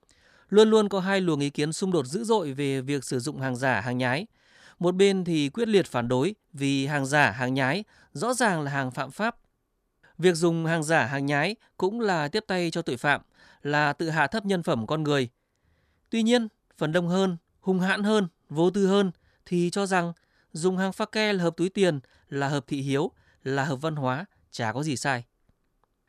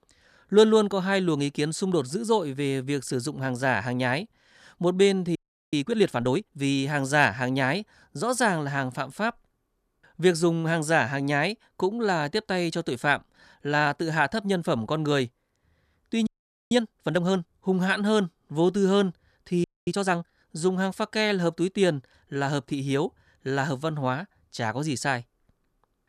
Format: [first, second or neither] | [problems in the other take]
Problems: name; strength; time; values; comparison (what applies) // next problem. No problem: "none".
first | audio freezing; at 5.5 s, at 16 s and at 20 s